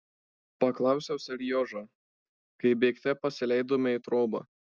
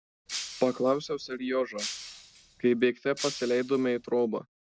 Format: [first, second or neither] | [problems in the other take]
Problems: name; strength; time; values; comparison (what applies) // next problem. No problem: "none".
first | background sound (Shatter); 12 dB below the speech